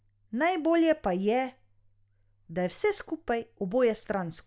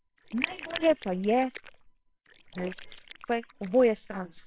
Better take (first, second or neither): first